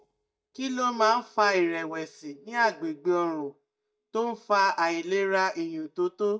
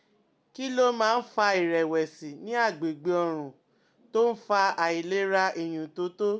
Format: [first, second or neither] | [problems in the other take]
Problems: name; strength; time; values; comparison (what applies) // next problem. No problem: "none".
second | noise reduction (neural mask model DeepFilterNet 3)